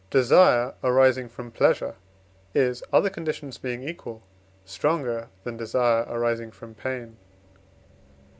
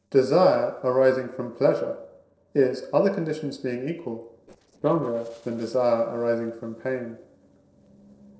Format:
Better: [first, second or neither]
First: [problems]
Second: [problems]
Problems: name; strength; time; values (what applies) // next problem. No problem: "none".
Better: first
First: none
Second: noise reduction (neural separator model SepFormer DNS4)